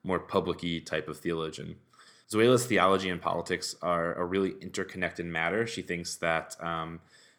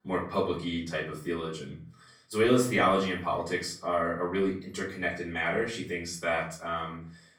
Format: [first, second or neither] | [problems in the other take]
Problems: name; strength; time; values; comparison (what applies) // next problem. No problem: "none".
first | off-mic speech; far // room echo; slight; dies away in 0.4 s